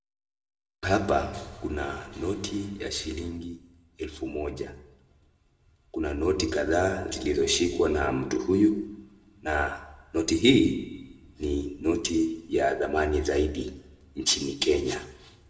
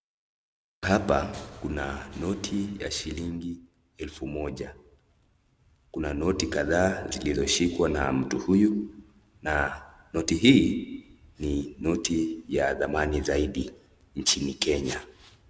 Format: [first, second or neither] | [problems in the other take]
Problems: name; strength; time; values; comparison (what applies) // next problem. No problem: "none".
second | room echo; dies away in 0.6 s